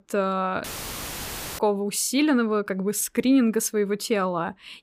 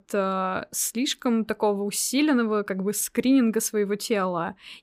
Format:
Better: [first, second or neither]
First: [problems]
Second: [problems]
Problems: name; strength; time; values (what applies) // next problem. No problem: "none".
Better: second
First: audio cutting out; filled with static; at 0.5 s for 1 s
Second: none